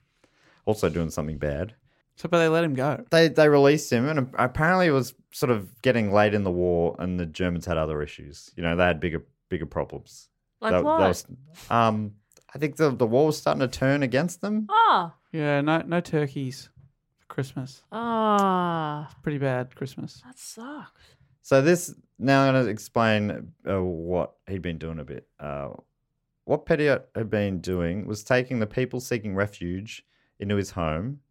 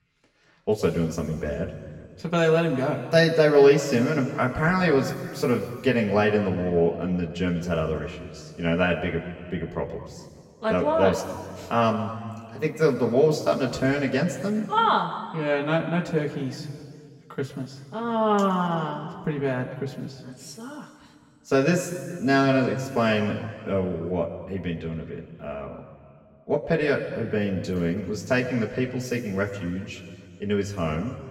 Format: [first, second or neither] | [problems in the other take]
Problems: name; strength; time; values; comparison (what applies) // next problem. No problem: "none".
first | room echo; noticeable; dies away in 1.8 s // off-mic speech; far